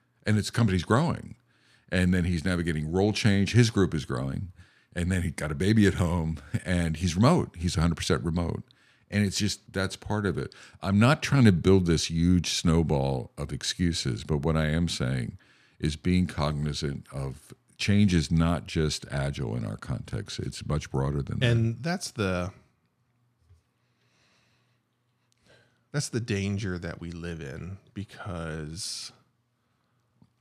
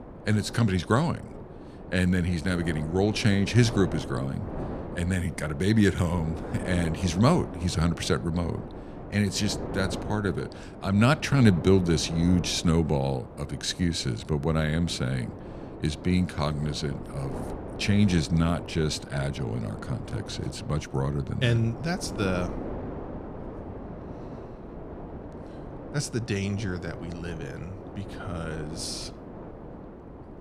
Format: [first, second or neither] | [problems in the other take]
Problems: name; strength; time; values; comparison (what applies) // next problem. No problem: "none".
first | wind noise on the microphone; occasional gusts; 10 dB below the speech